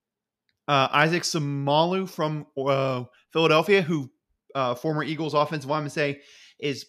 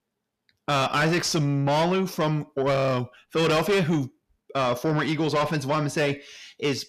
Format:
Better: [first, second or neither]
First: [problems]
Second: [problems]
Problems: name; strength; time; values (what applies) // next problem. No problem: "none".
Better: first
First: none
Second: distortion; heavy; 6 dB below the speech